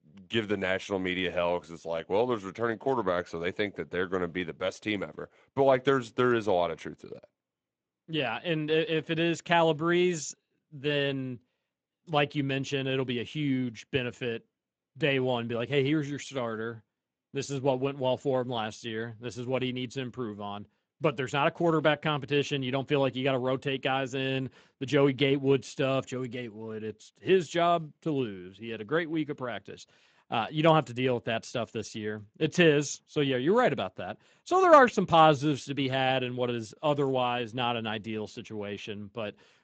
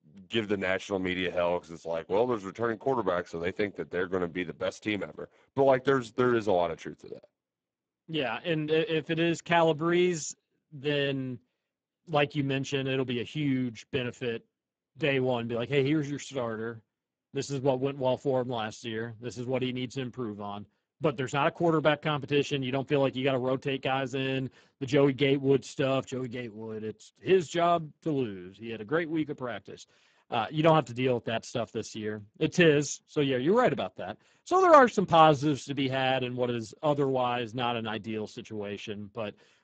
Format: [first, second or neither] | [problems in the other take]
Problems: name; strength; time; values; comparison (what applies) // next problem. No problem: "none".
first | garbled, watery; badly; nothing above 7.5 kHz; slightly in the first